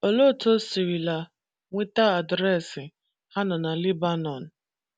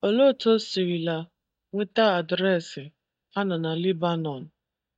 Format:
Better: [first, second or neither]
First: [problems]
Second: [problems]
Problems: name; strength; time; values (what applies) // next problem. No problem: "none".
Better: first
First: none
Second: noise reduction (neural mask model DeepFilterNet 3)